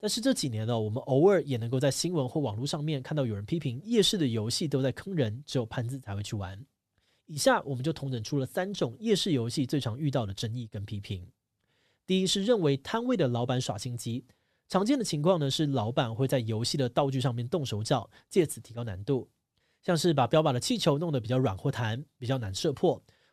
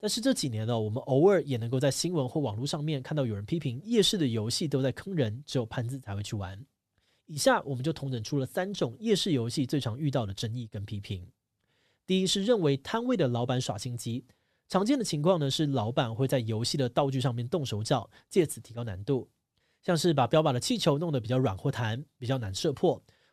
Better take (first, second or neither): neither